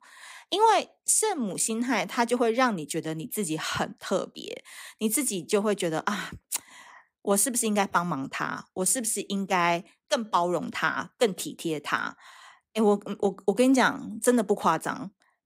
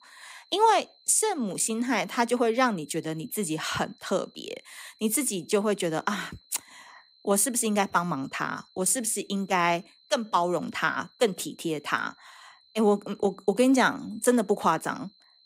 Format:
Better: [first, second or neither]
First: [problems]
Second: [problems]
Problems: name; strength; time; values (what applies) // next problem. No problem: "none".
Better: first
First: none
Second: high-pitched whine; faint; throughout; 4 kHz, 30 dB below the speech